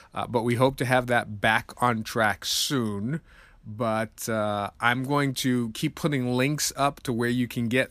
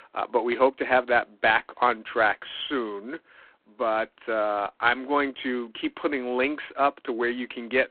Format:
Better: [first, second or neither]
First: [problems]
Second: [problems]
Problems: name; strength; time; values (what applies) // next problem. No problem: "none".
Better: first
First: none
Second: phone-call audio; poor line